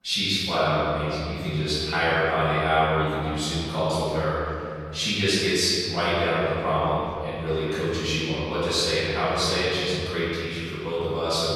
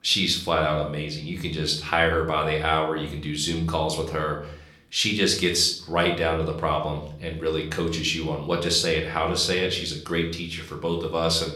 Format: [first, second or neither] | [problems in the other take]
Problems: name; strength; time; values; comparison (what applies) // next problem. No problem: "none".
second | room echo; strong; dies away in 2.4 s; slight in the second // off-mic speech; far; somewhat distant in the second